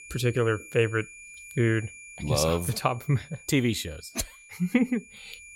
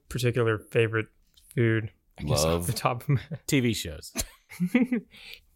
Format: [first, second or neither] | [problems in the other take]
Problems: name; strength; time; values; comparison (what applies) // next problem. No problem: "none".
second | high-pitched whine; noticeable; throughout; 2.5 kHz, 20 dB below the speech